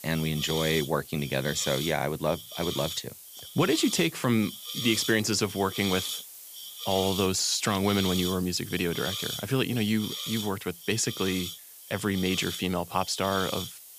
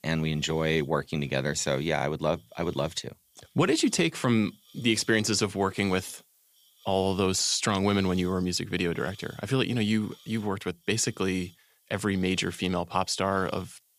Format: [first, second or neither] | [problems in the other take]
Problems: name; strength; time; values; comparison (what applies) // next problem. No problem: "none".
second | hiss; loud; throughout; 7 dB below the speech; faint in the second